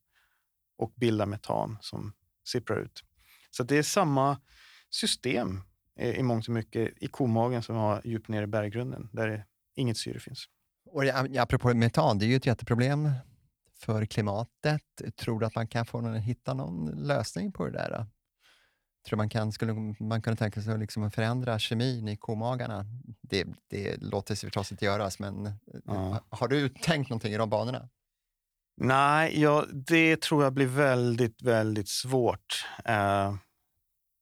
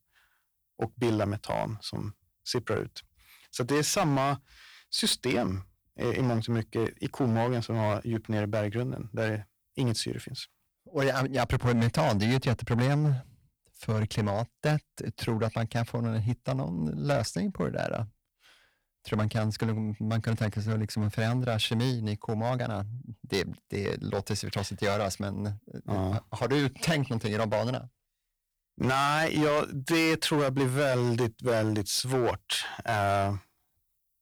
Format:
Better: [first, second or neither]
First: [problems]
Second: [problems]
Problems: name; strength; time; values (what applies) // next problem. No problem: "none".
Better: first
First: none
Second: distortion; heavy; 7% of the sound clipped